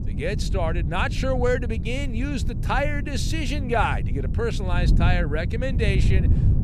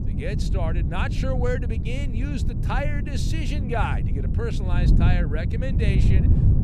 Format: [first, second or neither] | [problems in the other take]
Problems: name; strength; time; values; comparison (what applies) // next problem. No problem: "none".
first | wind noise on the microphone; heavy; 5 dB below the speech; occasional gusts in the first